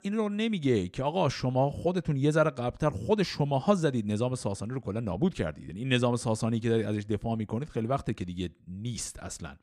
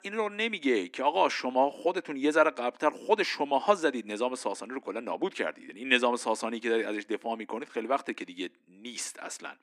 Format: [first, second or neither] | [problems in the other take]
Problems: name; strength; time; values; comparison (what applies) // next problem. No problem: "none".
first | thin; somewhat; fading below 250 Hz